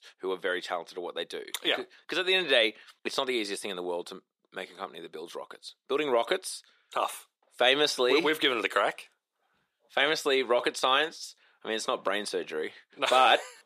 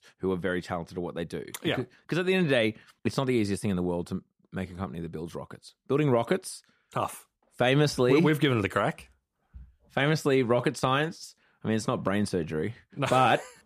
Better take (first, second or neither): second